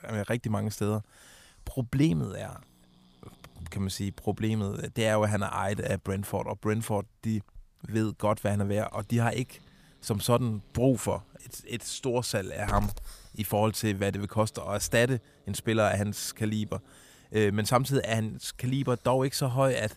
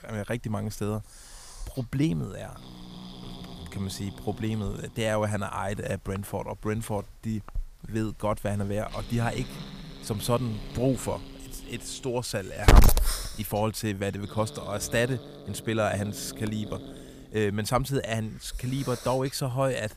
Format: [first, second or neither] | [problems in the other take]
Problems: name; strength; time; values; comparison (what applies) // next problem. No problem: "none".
first | hiss; loud; throughout; 2 dB below the speech; faint in the first